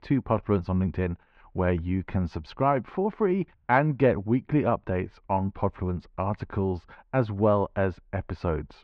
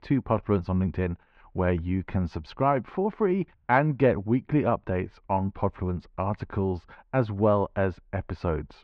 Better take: neither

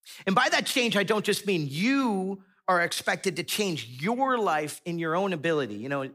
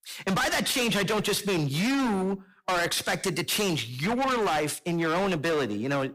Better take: first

